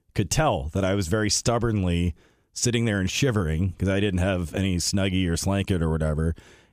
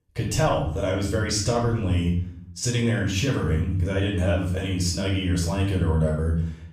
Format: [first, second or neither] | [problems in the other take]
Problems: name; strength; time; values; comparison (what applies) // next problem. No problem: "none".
first | off-mic speech; far // room echo; noticeable; dies away in 0.6 s